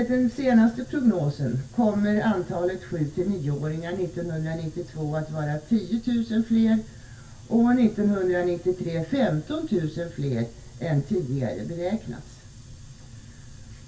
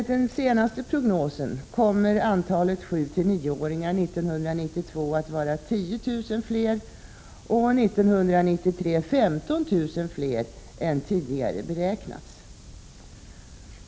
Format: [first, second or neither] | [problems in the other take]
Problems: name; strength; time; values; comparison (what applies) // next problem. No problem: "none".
second | room echo; dies away in 0.2 s